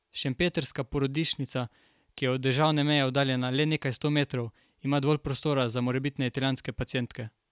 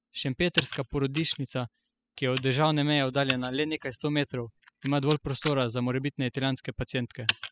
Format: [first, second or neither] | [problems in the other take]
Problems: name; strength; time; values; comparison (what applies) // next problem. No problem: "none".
first | noise reduction (classical method spectral subtraction)